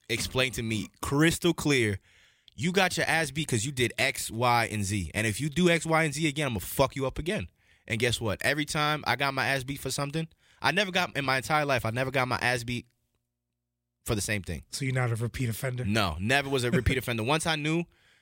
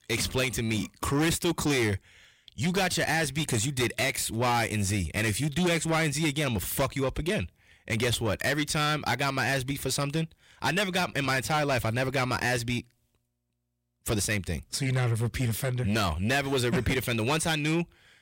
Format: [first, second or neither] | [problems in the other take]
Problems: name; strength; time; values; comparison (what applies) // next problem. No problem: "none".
first | distortion; heavy; 8 dB below the speech